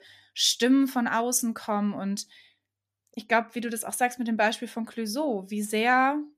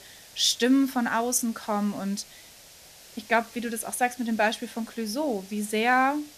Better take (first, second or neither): first